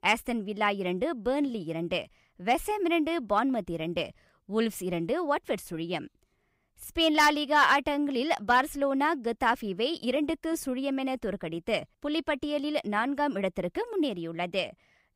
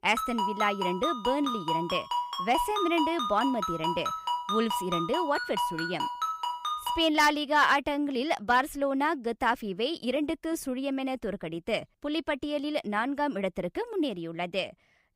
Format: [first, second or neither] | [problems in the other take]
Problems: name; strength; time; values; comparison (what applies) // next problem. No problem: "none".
first | phone ringing; noticeable; until 7 s; peak 1 dB below the speech